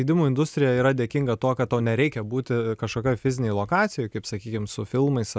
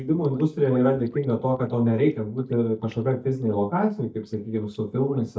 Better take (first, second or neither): first